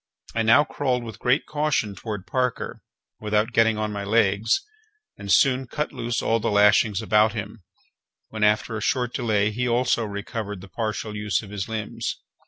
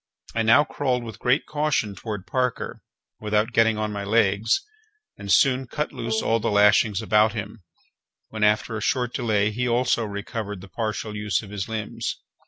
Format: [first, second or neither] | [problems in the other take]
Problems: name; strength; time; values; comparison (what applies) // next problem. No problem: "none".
first | background sound (Brass instrument); 16 dB below the speech